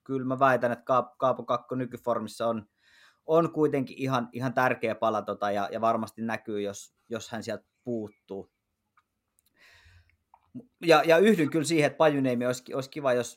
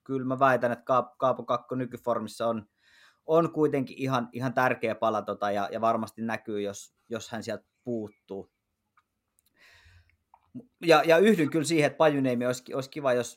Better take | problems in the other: neither | none

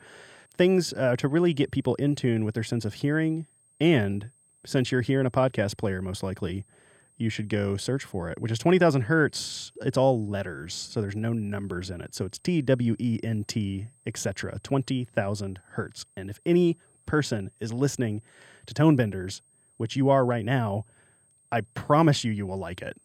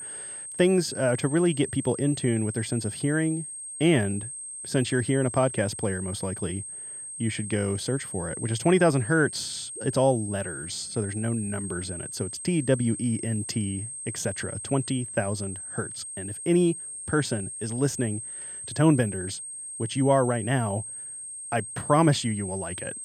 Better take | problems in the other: first | high-pitched whine; loud; throughout; 8.5 kHz, 8 dB below the speech; faint in the first

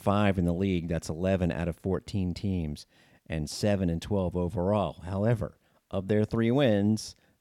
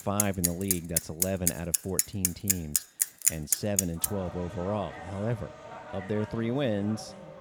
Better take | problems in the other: first | traffic noise; very loud; throughout; 5 dB above the speech

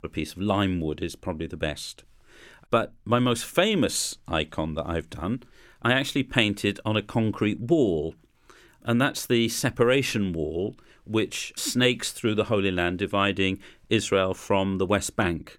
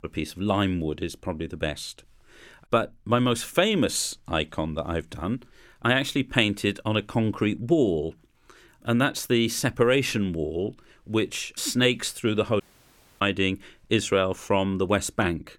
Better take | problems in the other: first | audio cutting out; at 13 s for 0.5 s

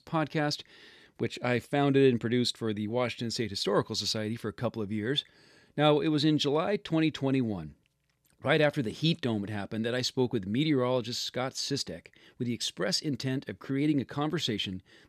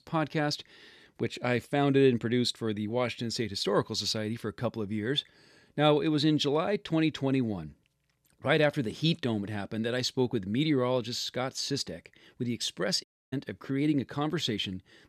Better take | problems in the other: first | audio cutting out; at 13 s

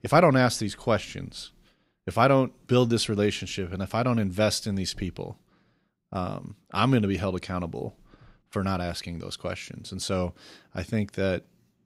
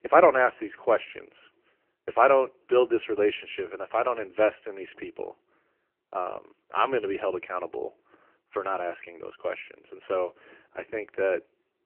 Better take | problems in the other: first | phone-call audio; poor line; nothing above 3 kHz

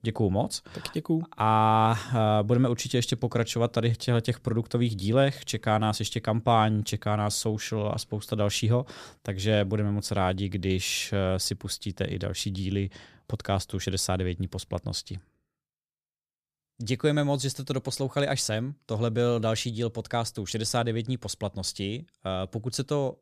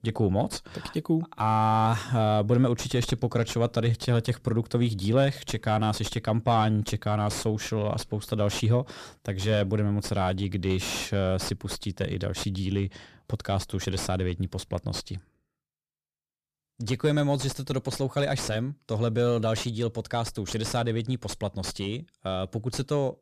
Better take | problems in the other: first | distortion; slight; 9 dB below the speech

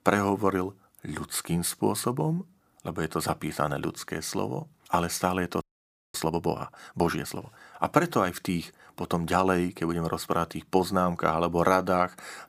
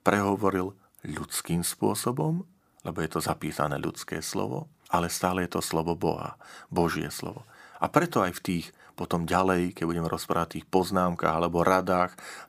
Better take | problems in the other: second | audio freezing; at 5.5 s for 0.5 s

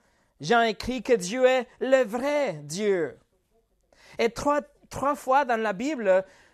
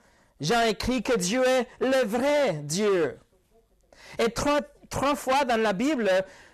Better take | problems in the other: first | distortion; heavy; 19% of the sound clipped

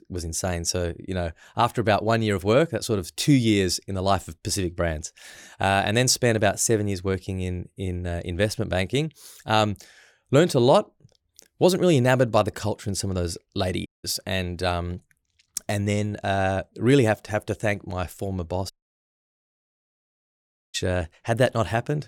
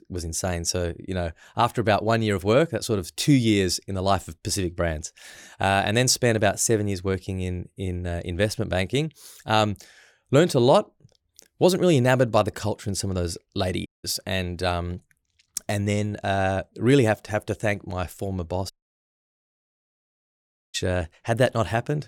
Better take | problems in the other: neither | audio cutting out; at 14 s and at 19 s for 2 s; the same in both

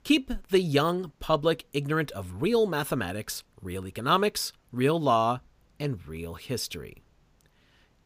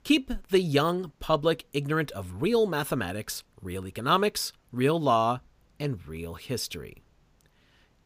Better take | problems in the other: neither | none

